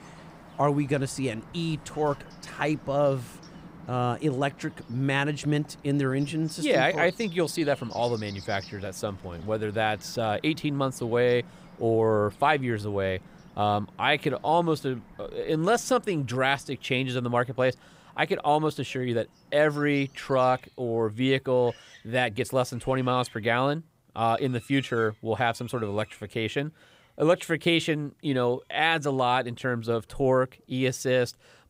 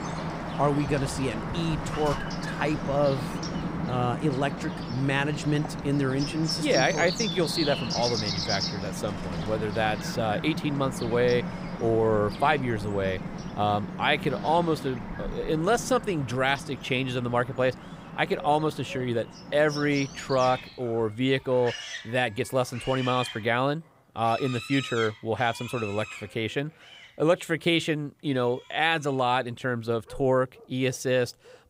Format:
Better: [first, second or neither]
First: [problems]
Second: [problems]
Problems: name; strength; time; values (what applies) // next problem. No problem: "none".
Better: first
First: animal sounds; faint; throughout; 20 dB below the speech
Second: animal sounds; loud; throughout; 7 dB below the speech